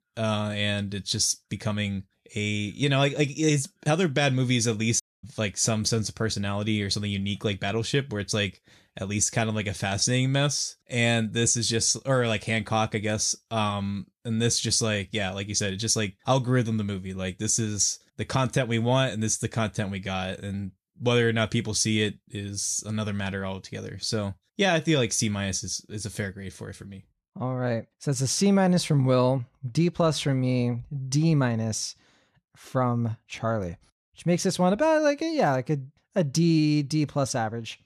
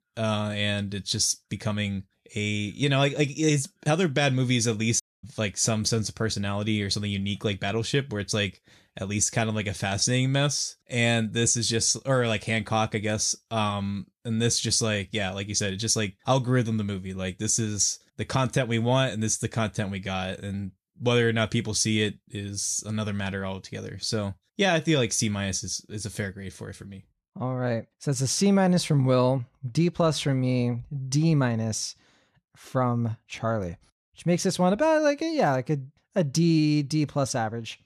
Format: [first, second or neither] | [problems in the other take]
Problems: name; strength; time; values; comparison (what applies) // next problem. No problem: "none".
neither | audio cutting out; at 5 s; the same in both